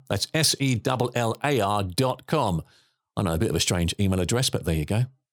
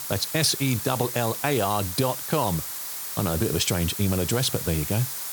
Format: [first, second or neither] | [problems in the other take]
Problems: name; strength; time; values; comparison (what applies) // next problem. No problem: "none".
first | hiss; loud; throughout; 5 dB below the speech